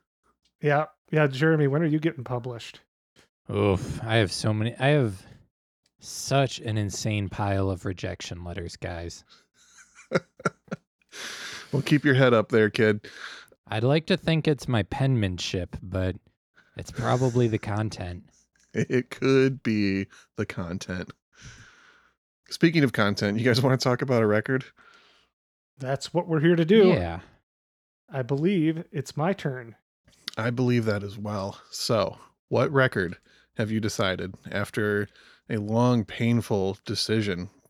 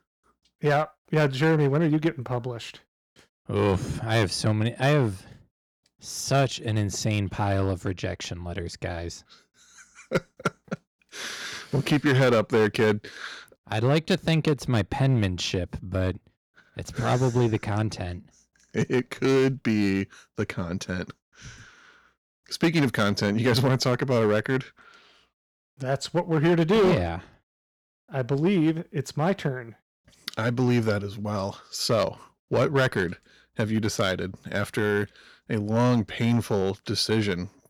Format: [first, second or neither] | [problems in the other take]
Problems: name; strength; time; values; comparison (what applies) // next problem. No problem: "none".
first | distortion; slight; 4% of the sound clipped